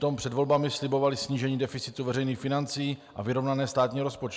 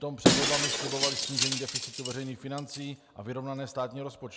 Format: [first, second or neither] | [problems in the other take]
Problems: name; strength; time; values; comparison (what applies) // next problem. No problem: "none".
first | background sound (Shatter); 5 dB above the speech